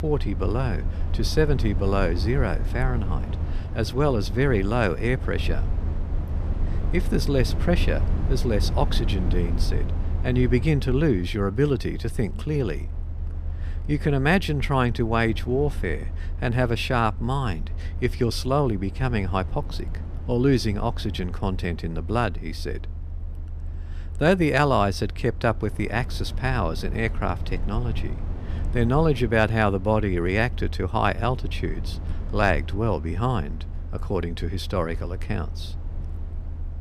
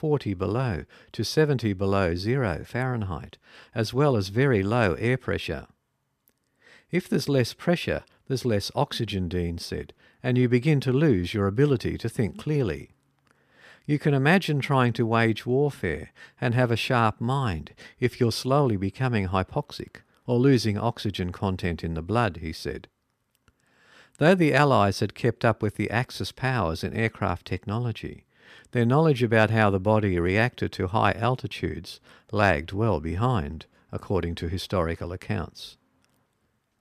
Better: second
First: low rumble; noticeable; throughout; 15 dB below the speech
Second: none

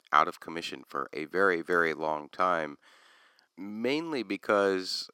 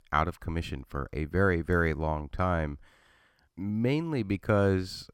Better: second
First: thin; somewhat; fading below 300 Hz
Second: none

